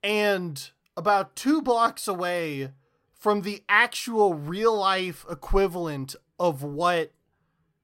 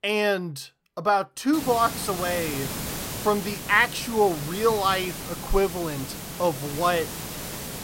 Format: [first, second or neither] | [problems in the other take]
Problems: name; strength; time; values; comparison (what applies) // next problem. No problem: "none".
first | hiss; loud; from 1.5 s on; 8 dB below the speech